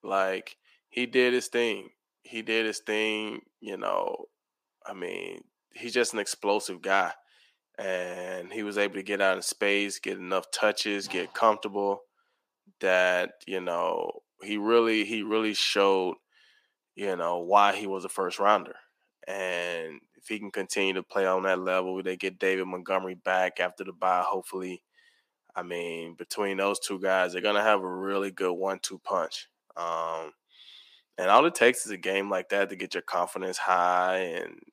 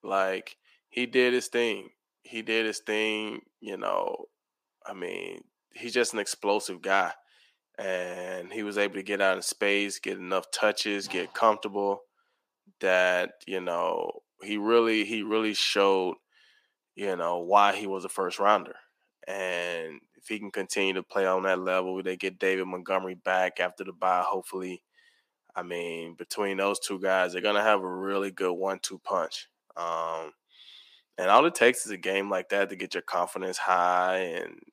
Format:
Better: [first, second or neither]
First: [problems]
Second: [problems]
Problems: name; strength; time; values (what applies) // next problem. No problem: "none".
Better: neither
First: thin; somewhat; fading below 300 Hz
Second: thin; somewhat; fading below 300 Hz